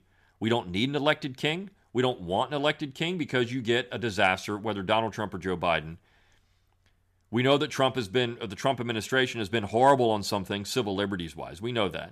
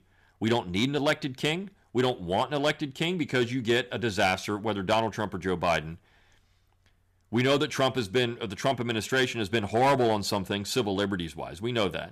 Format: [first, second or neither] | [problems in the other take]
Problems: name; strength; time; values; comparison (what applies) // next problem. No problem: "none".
first | distortion; slight; 3% of the sound clipped